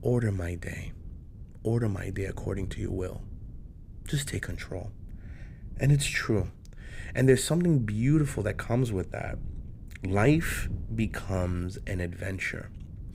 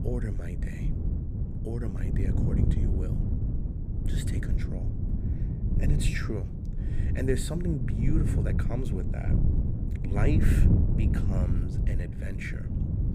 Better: first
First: wind noise on the microphone; occasional gusts; 25 dB below the speech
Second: wind noise on the microphone; heavy; 2 dB below the speech

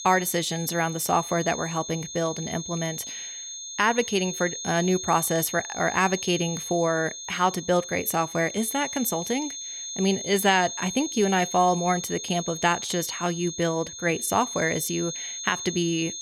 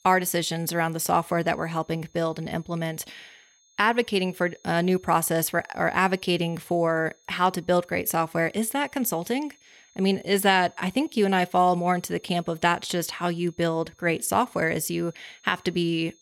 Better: second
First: high-pitched whine; loud; throughout; 6.5 kHz, 7 dB below the speech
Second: high-pitched whine; faint; throughout; 6.5 kHz, 30 dB below the speech

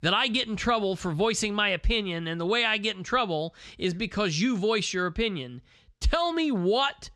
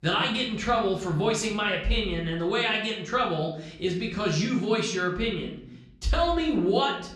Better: first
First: none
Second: room echo; slight; dies away in 0.6 s // off-mic speech; far

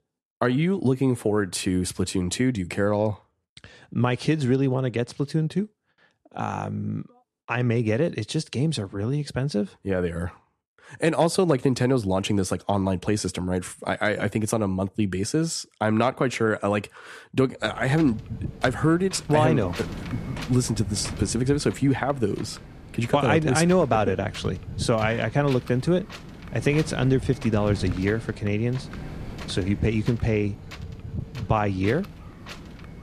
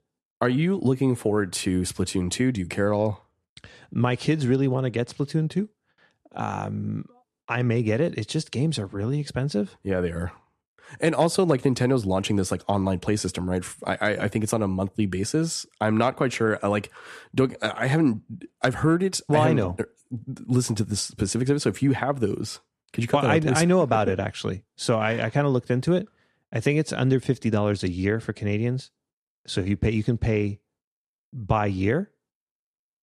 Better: second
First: wind noise on the microphone; occasional gusts; from 18 s on; 15 dB below the speech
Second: none

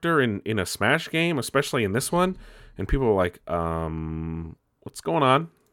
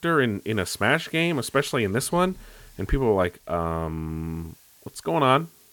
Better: first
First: none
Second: hiss; faint; throughout; 30 dB below the speech

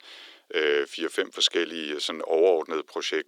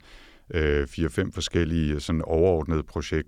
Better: second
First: thin; very; fading below 350 Hz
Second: none

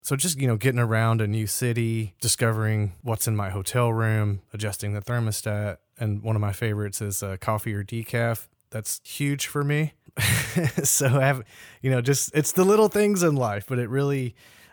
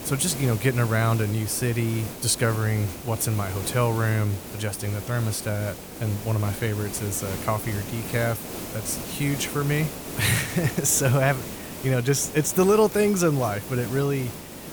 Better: first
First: none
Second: hiss; loud; throughout; 10 dB below the speech

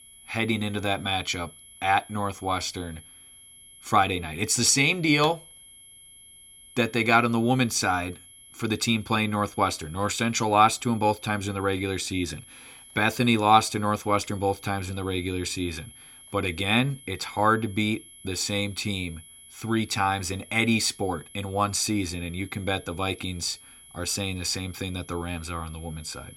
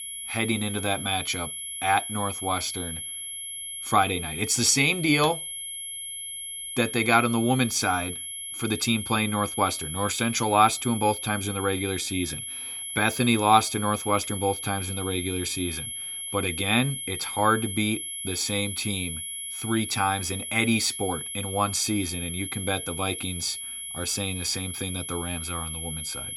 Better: first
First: high-pitched whine; faint; throughout; 11 kHz, 20 dB below the speech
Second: high-pitched whine; loud; throughout; 11 kHz, 6 dB below the speech

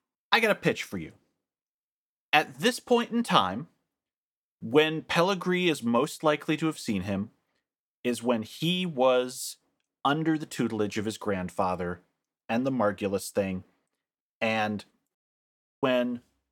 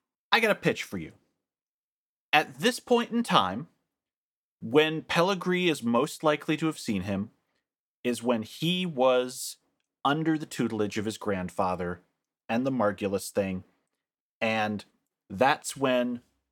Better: second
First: audio cutting out; at 15 s for 0.5 s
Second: none

